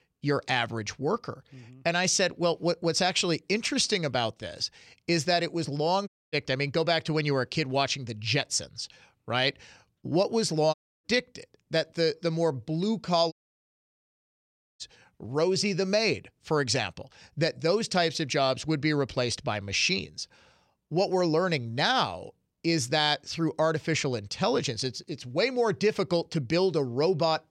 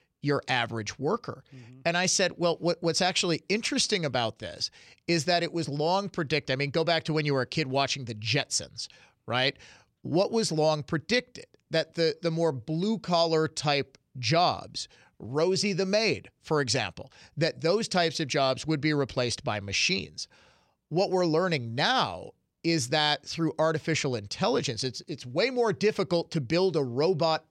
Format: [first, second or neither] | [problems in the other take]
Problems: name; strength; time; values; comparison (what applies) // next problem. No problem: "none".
second | audio cutting out; at 6 s, at 11 s and at 13 s for 1.5 s